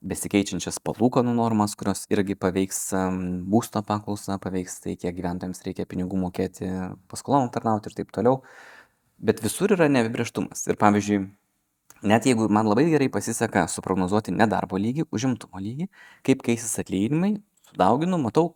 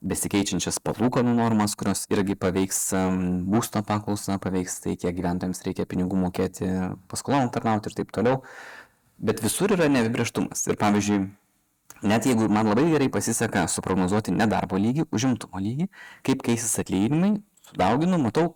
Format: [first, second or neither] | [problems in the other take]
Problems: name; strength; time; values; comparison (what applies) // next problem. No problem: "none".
first | distortion; heavy; 8 dB below the speech